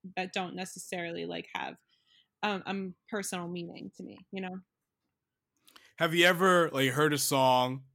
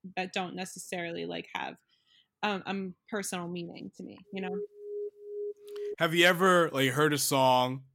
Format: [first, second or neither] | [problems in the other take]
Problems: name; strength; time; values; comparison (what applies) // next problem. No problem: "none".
first | alarm; faint; from 4.5 to 6 s; peak 10 dB below the speech